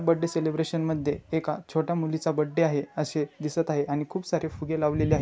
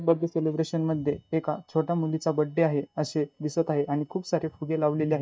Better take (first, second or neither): first